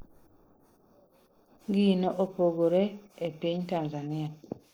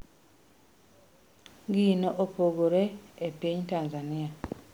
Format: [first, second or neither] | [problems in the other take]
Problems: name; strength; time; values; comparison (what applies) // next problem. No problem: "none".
second | noise reduction (neural mask model Resemble Enhance denoiser)